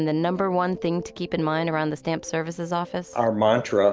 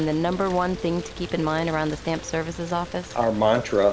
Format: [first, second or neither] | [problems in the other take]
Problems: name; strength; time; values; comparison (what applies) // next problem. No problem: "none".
first | background sound (Rain); 15 dB below the speech